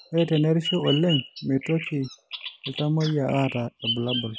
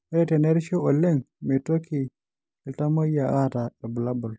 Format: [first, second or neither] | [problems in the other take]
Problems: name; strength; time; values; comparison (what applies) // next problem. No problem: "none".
second | background sound (Bird vocalization, bird call, bird song); 10 dB below the speech